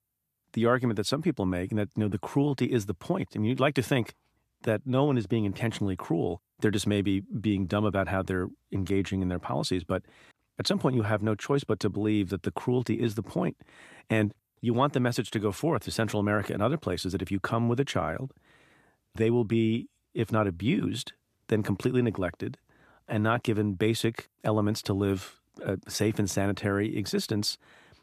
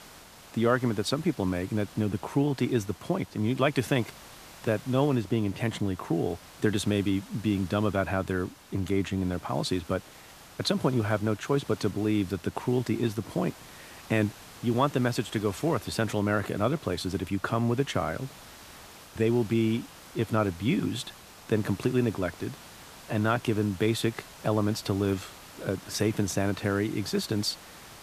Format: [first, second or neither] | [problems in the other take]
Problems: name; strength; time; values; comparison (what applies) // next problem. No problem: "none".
first | hiss; noticeable; throughout; 20 dB below the speech